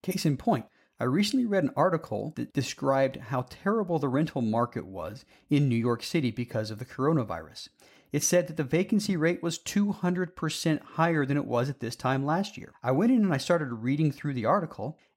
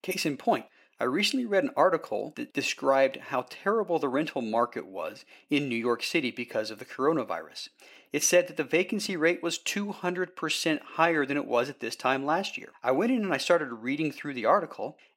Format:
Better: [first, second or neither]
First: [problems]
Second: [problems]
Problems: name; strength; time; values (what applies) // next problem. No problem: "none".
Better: first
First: none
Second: thin; somewhat; fading below 350 Hz